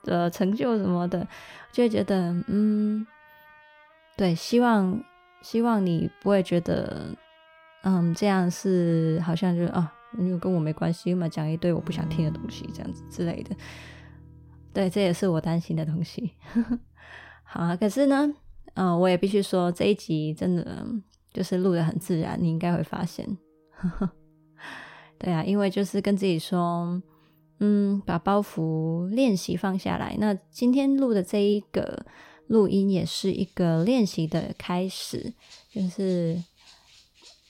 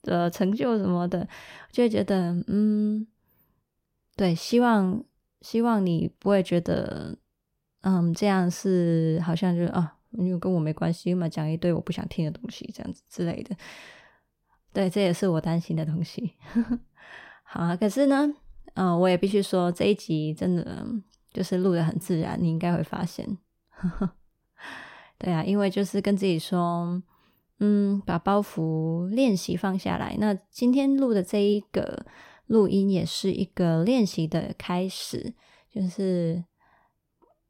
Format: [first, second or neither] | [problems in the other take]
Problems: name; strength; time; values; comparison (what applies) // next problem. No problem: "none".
second | background music; faint; throughout; 20 dB below the speech